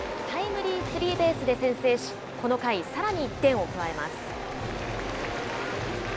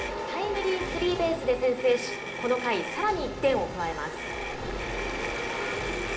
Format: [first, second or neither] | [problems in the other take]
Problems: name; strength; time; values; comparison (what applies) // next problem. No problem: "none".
first | background sound (Motor vehicle (road)); 11 dB below the speech // room echo; dies away in 0.6 s